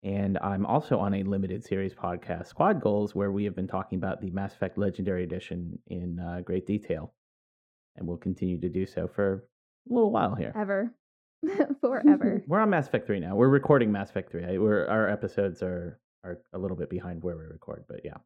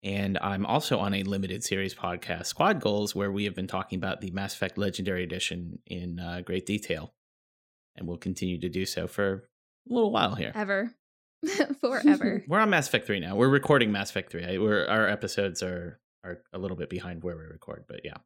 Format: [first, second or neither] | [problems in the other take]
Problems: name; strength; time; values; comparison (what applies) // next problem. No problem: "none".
second | muffled; very; fading above 2.5 kHz